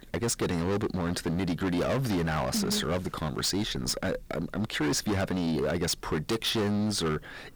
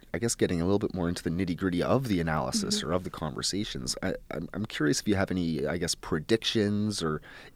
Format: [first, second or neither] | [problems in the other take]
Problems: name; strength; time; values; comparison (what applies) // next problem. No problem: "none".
second | distortion; heavy; 22% of the sound clipped